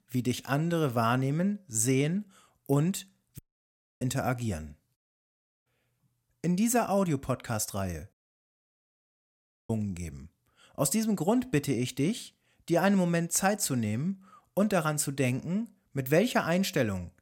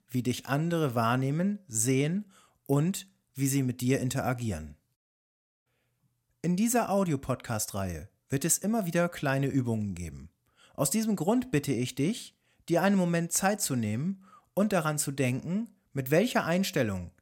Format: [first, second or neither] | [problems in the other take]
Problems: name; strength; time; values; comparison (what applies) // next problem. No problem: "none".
second | audio cutting out; at 3.5 s for 0.5 s and at 8 s for 1.5 s